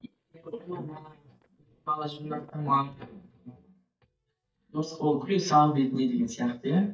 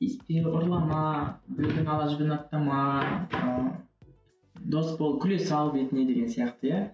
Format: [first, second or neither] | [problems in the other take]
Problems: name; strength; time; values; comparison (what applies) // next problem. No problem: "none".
second | noise reduction (neural mask model DeepFilterNet 3)